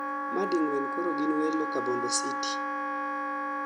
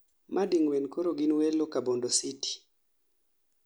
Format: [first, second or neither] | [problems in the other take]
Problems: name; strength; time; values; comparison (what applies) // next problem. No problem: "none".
second | background sound (Wind instrument, woodwind instrument); as loud as the speech